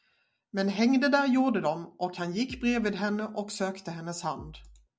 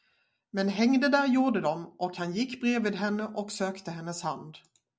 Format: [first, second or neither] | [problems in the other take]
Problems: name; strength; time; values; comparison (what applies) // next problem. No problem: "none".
second | background sound (Bass drum); 19 dB below the speech